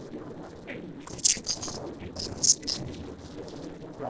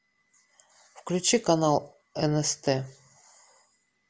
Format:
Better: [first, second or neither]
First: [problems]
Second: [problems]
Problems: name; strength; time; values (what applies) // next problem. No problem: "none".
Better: second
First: noise reduction (neural separator model SepFormer DNS4)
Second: none